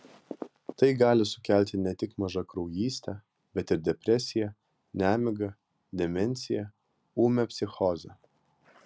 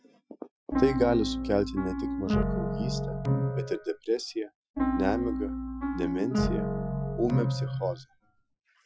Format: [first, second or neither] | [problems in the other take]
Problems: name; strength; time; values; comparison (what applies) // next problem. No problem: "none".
first | noise reduction (classical method Wiener filter)